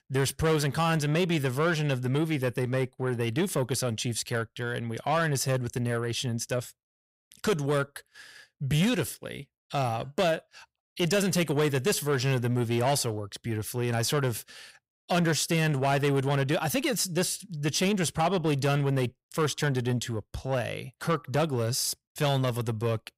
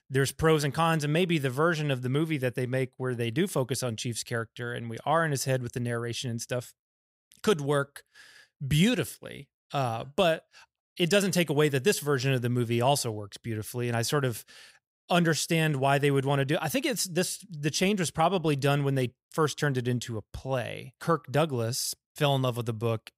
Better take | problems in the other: second | distortion; slight; 10 dB below the speech

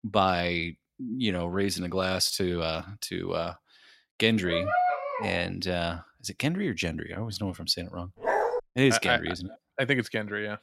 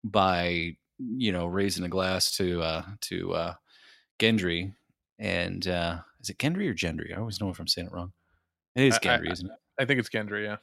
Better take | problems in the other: second | dog barking; loud; at 4.5 s and at 8 s; peak 2 dB above the speech

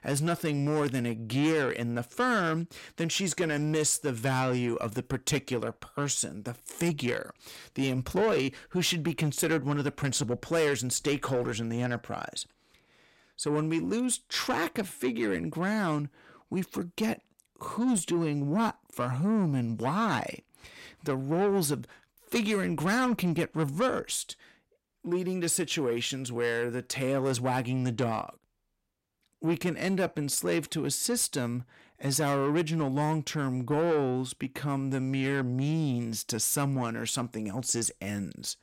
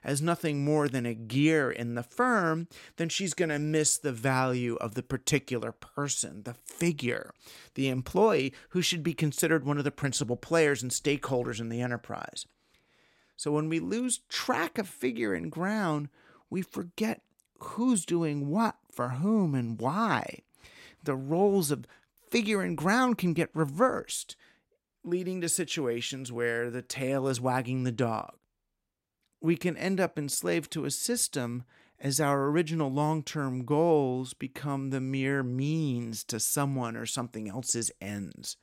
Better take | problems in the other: second | distortion; slight; 10 dB below the speech

